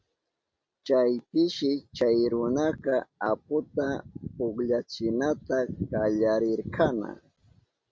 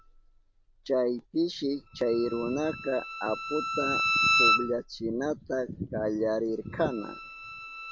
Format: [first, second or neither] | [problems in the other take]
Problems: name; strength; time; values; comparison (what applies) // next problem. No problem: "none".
first | background sound (Bowed string instrument); 1 dB below the speech